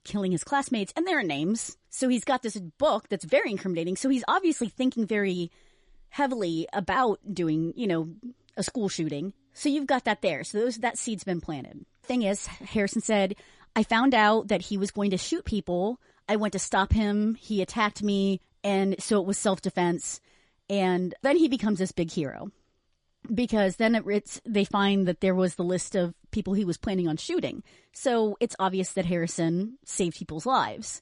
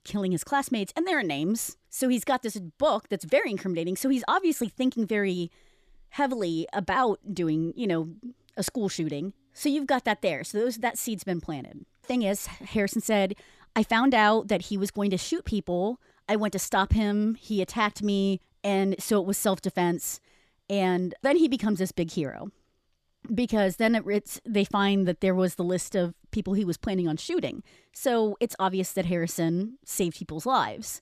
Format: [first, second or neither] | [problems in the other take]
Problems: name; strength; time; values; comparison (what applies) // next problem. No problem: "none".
second | garbled, watery; slightly; nothing above 10.5 kHz